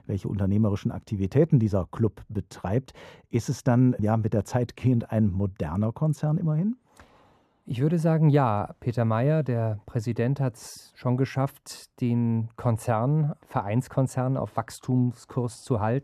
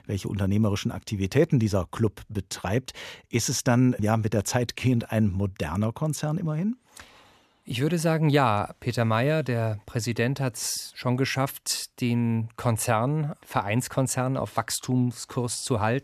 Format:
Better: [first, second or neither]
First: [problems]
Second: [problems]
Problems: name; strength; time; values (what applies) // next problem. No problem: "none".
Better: second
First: muffled; slightly; fading above 1.5 kHz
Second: none